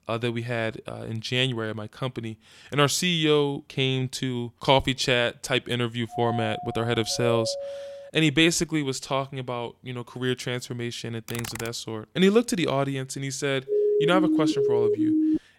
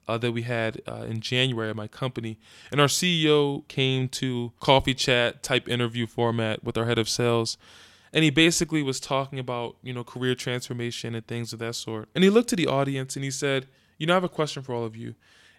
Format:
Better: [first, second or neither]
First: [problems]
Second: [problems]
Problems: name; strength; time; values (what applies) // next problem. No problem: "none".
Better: second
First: doorbell; noticeable; from 6 to 8 s; peak 4 dB below the speech // keyboard typing; noticeable; at 11 s; peak 9 dB below the speech // siren; loud; from 14 s on; peak 3 dB above the speech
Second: none